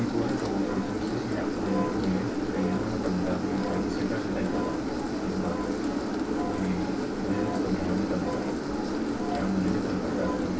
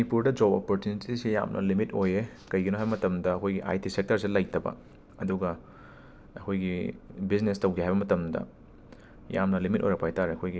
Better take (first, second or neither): second